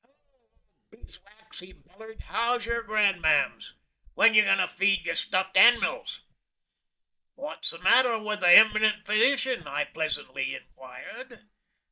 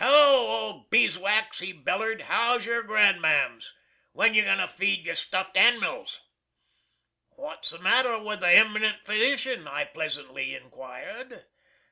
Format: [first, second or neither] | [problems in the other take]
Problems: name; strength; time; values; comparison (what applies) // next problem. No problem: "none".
second | noise reduction (neural mask model DeepFilterNet 3)